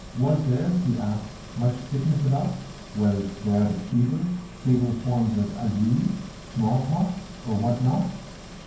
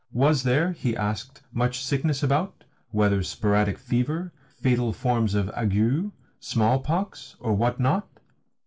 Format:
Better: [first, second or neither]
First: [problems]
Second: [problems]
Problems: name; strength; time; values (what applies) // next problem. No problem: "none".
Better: second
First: background sound (Engine); 16 dB below the speech // room echo; dies away in 0.9 s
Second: none